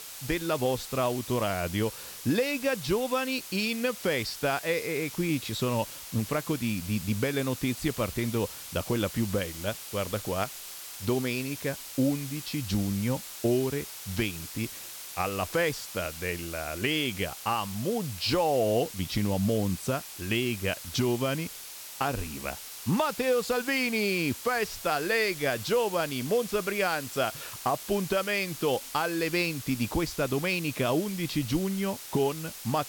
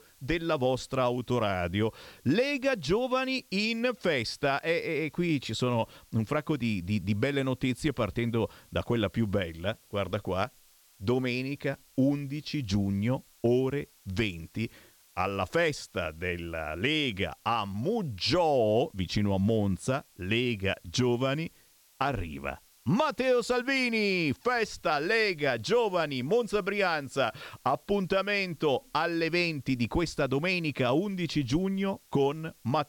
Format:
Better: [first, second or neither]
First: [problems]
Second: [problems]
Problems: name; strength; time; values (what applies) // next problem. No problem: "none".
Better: second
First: hiss; loud; throughout; 10 dB below the speech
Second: hiss; faint; throughout; 30 dB below the speech